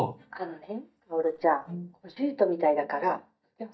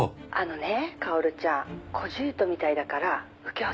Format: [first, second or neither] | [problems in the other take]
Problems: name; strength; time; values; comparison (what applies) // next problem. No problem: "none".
second | noise reduction (neural mask model DeepFilterNet 3)